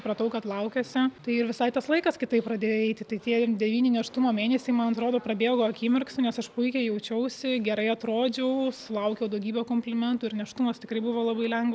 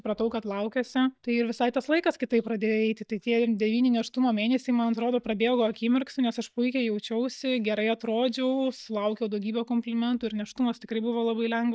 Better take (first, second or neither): first